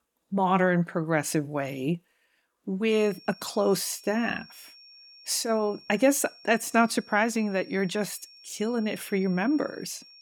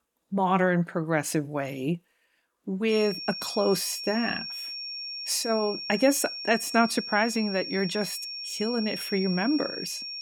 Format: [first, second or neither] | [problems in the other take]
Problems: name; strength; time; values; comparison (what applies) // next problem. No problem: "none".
first | high-pitched whine; loud; from 3 s on; 5.5 kHz, 6 dB below the speech; faint in the first